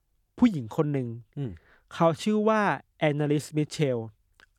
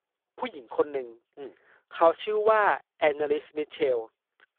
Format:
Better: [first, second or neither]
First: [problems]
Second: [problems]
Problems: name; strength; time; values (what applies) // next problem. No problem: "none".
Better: first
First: none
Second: phone-call audio; poor line